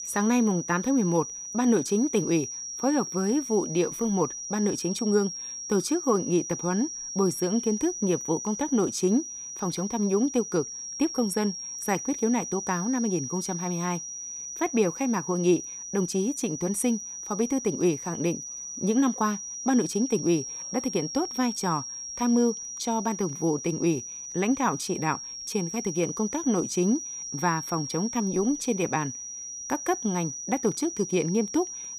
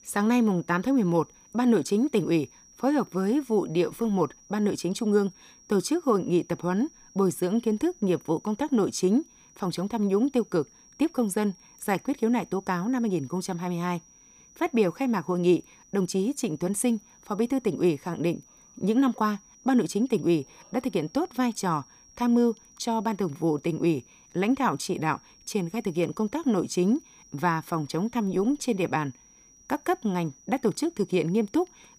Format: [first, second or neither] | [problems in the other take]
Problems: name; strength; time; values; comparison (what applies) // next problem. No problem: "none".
second | high-pitched whine; loud; throughout; 6 kHz, 7 dB below the speech; faint in the second